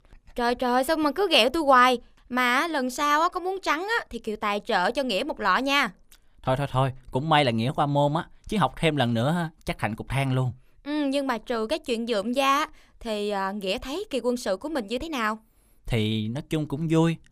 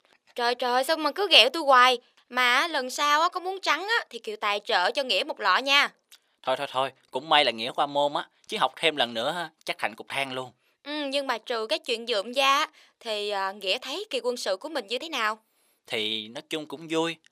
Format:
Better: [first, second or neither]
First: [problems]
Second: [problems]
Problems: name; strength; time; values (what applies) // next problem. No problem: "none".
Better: first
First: none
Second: thin; somewhat; fading below 450 Hz